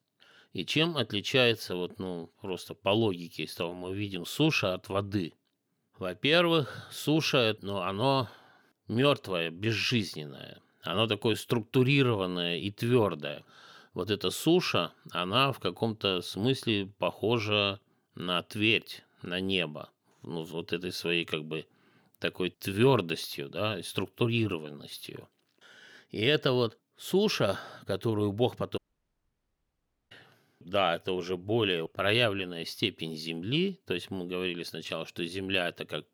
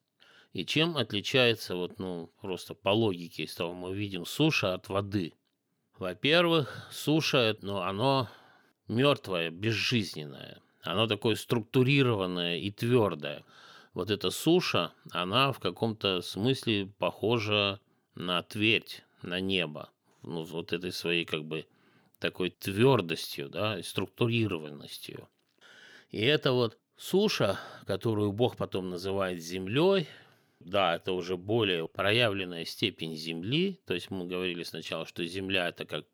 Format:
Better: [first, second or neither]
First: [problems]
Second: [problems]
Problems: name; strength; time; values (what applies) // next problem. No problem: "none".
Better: second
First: audio cutting out; at 29 s for 1.5 s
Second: none